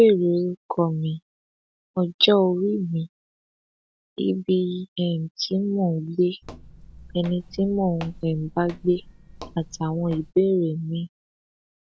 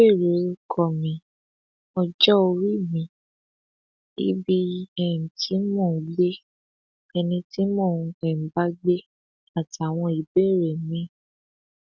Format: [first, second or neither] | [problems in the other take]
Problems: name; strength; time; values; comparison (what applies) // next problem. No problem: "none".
second | background sound (Walk, footsteps); 18 dB below the speech